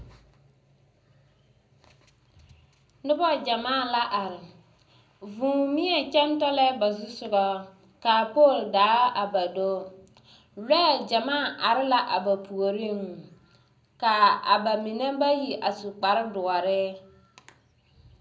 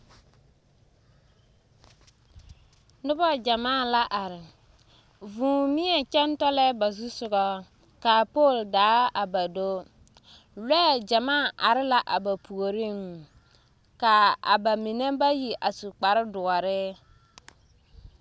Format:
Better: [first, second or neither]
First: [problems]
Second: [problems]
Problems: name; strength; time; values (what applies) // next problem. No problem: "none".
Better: second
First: room echo; dies away in 0.5 s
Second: none